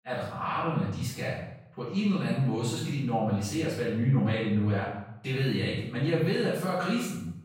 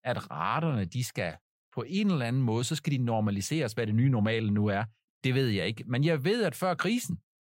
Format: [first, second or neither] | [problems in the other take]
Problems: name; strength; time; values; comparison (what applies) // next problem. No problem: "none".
second | room echo; noticeable; dies away in 0.7 s // off-mic speech; far